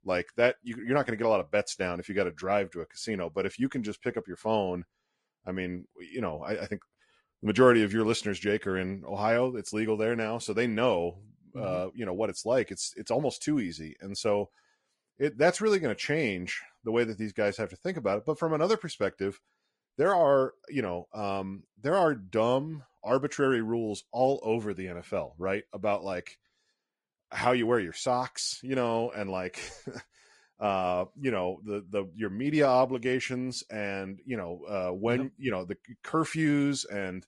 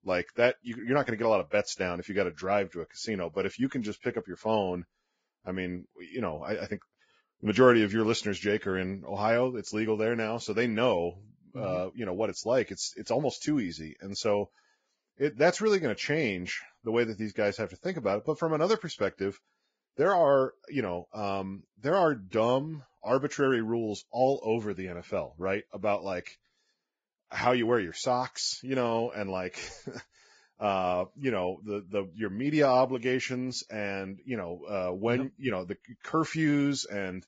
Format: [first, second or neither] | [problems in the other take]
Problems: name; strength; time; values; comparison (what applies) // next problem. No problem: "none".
first | garbled, watery; badly; nothing above 7.5 kHz; slightly in the first